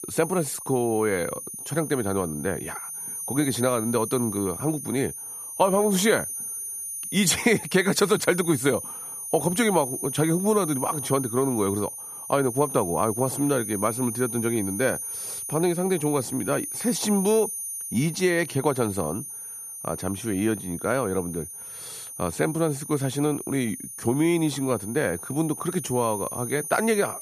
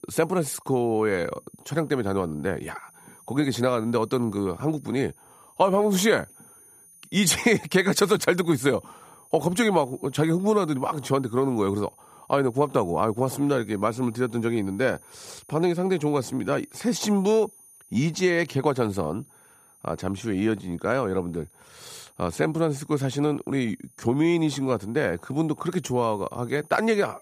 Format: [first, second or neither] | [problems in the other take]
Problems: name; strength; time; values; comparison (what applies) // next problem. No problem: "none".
second | high-pitched whine; loud; throughout; 9.5 kHz, 7 dB below the speech; faint in the second